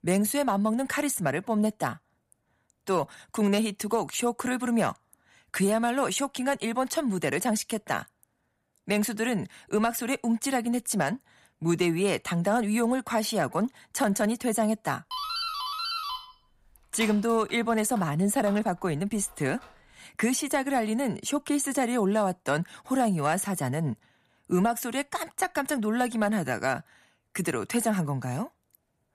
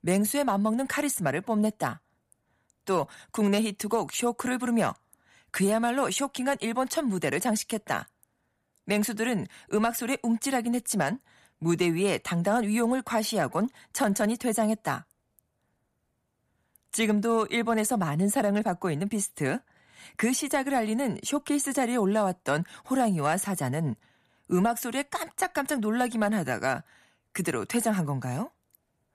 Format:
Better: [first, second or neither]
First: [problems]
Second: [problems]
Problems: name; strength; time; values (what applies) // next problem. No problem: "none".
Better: second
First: doorbell; noticeable; from 15 to 20 s; peak 2 dB below the speech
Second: none